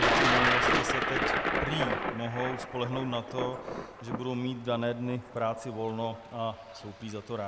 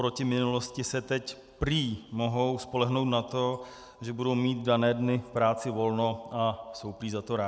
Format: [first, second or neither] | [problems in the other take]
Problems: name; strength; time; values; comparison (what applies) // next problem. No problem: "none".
second | background sound (Thunder); 3 dB above the speech